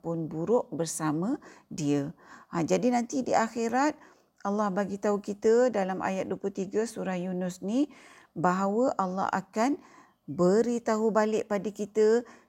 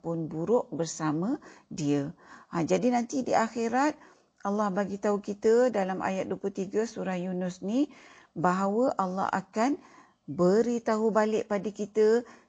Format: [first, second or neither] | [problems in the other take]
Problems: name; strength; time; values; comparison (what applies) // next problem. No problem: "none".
first | garbled, watery; slightly